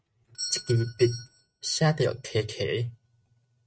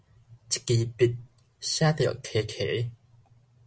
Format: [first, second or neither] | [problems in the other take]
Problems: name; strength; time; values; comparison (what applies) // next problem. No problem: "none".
second | noise reduction (neural mask model RNNoise)